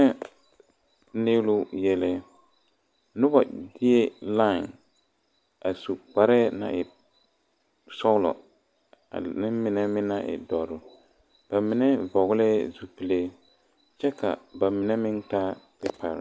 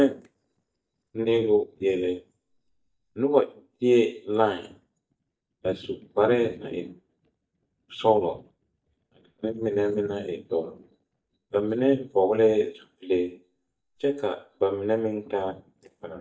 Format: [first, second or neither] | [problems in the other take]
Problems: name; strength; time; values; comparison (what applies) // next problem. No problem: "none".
first | noise reduction (neural mask model DeepFilterNet 3)